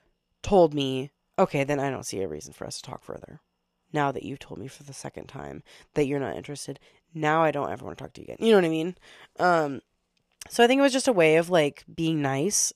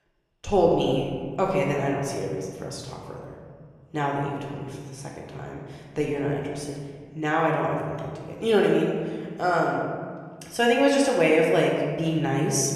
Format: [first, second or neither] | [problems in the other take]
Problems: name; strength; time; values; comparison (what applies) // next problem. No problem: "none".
first | room echo; noticeable; dies away in 1.8 s // off-mic speech; somewhat distant